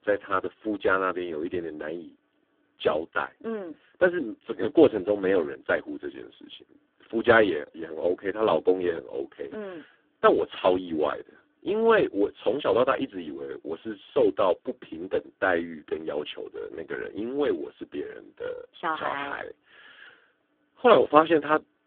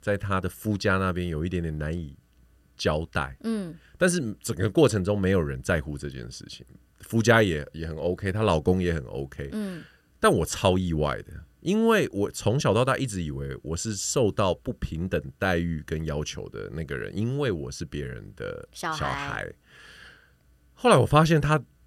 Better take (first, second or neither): second